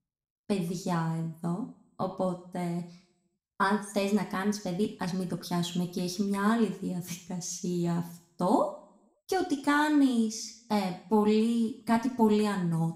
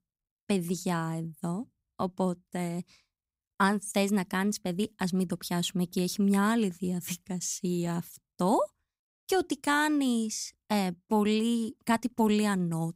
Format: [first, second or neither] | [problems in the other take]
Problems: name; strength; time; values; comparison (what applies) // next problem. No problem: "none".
second | room echo; slight; dies away in 0.5 s // off-mic speech; somewhat distant